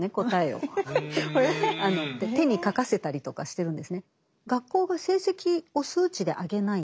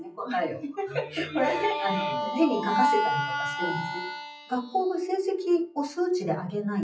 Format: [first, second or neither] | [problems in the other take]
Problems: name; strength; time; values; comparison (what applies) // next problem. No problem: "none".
first | noise reduction (classical method WPE with log-MMSE)